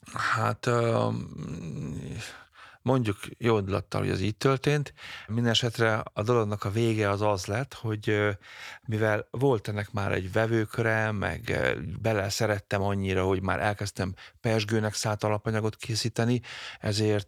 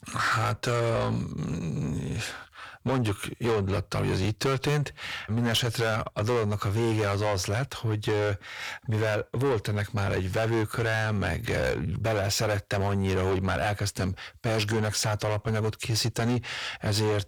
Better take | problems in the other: first | distortion; heavy; 6 dB below the speech

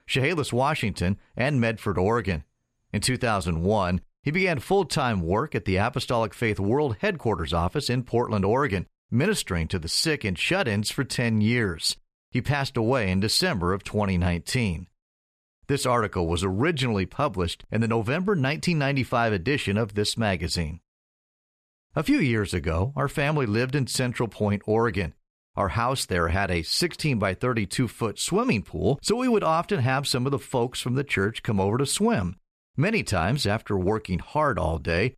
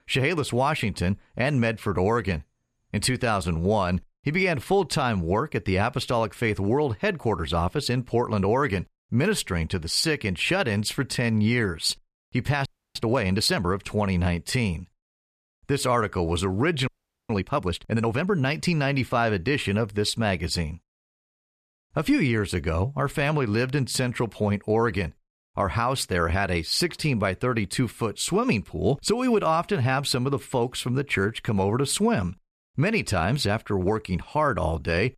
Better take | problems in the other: first | audio freezing; at 13 s and at 17 s

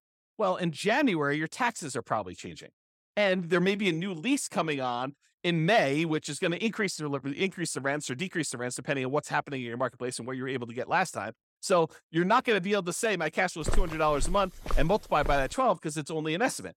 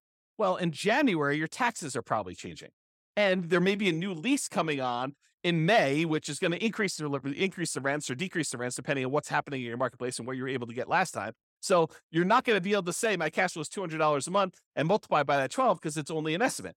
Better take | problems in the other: second | footsteps; noticeable; from 14 to 15 s; peak 5 dB below the speech

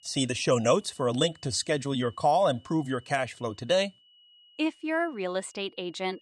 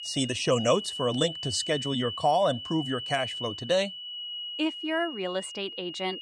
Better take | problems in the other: first | high-pitched whine; loud; throughout; 3 kHz, 7 dB below the speech; faint in the first

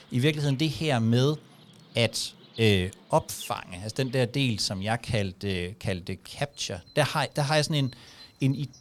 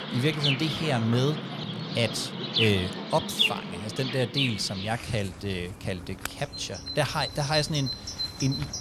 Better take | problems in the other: first | animal sounds; loud; throughout; 2 dB below the speech; faint in the first

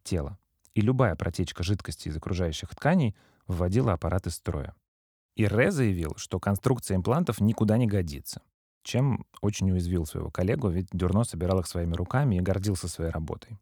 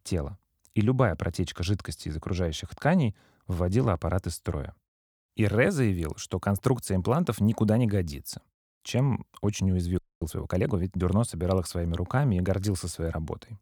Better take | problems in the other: first | audio freezing; at 10 s

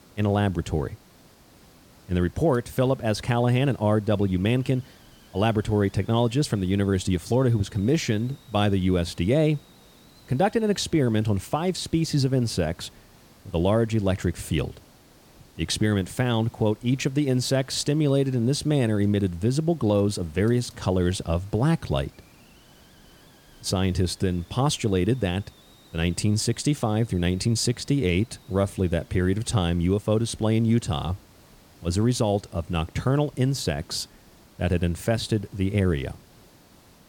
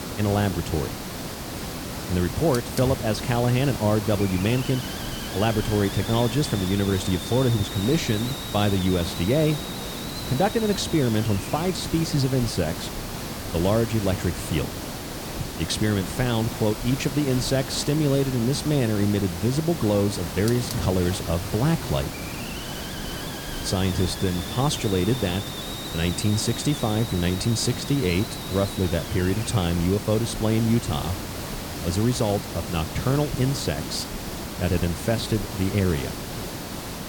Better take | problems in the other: first | hiss; loud; throughout; 7 dB below the speech; faint in the first

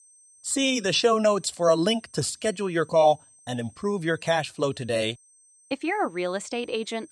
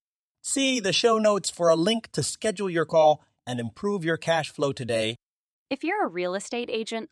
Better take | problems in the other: second | high-pitched whine; faint; throughout; 8.5 kHz, 30 dB below the speech

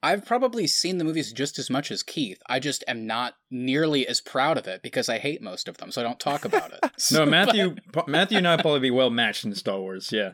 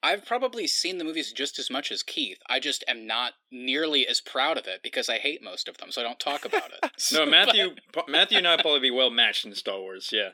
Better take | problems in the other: first | thin; very slightly; fading below 300 Hz

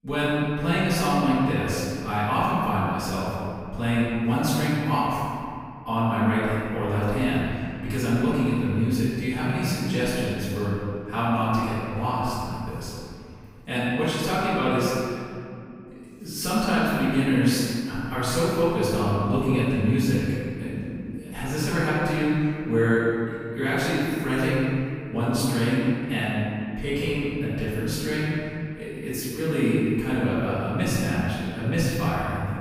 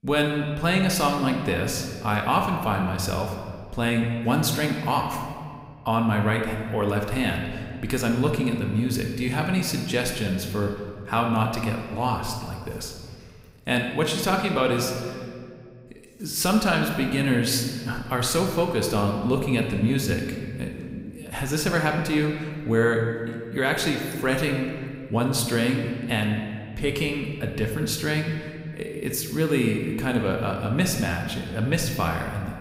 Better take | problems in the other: second | room echo; strong; dies away in 2.3 s; slight in the second // off-mic speech; far

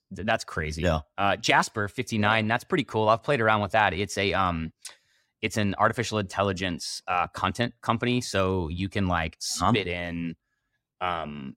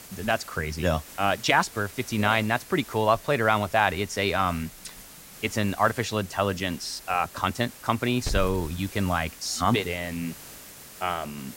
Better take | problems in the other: first | hiss; noticeable; throughout; 15 dB below the speech

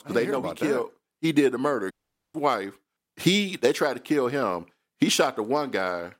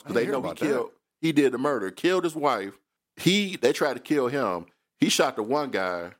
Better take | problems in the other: second | audio cutting out; at 2 s

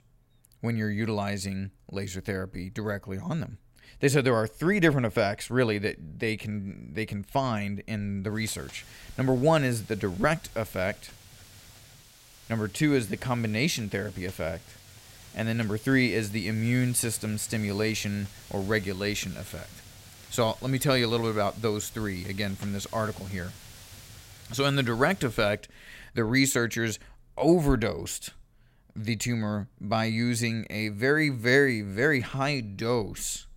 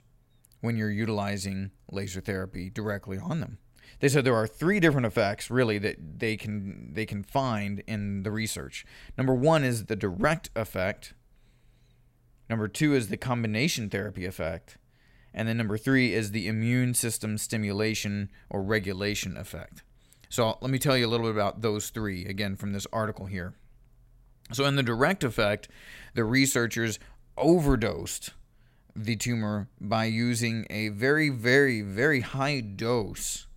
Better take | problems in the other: second | hiss; noticeable; from 8.5 to 26 s; 20 dB below the speech

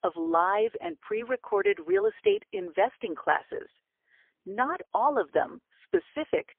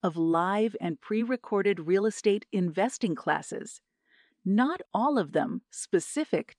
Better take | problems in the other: second | phone-call audio; poor line; nothing above 3.5 kHz

